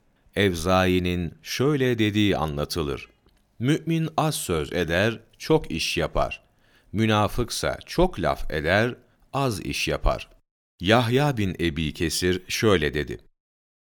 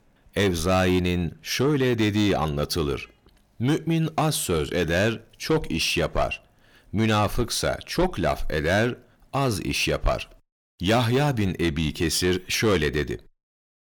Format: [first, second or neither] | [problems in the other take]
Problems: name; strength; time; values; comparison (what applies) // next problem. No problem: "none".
first | distortion; slight; 10 dB below the speech